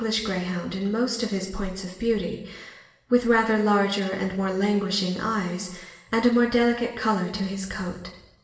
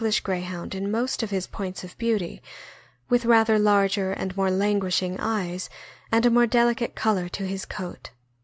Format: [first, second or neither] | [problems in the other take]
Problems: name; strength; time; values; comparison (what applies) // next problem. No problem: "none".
second | room echo; dies away in 0.9 s